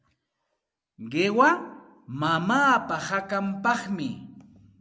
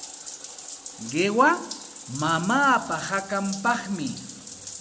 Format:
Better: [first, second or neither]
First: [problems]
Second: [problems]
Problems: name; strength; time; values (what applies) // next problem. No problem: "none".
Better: first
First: none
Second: background sound (Bathtub (filling or washing)); 13 dB below the speech